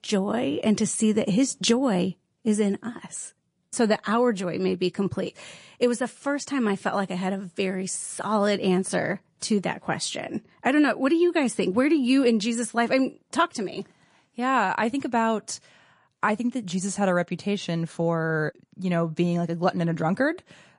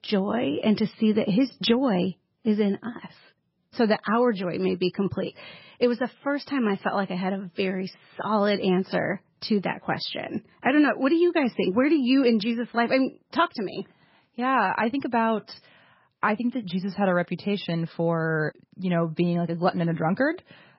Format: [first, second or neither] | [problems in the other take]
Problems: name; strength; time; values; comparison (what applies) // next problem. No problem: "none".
first | garbled, watery; badly; nothing above 5.5 kHz; slightly in the first